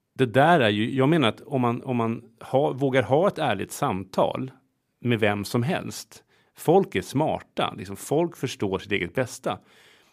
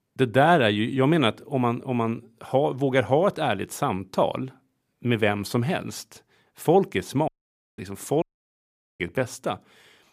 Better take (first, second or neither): first